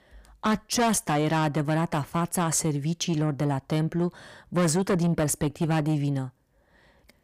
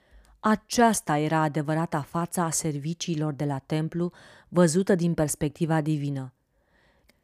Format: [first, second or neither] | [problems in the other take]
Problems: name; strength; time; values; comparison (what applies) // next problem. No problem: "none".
second | distortion; heavy; 8 dB below the speech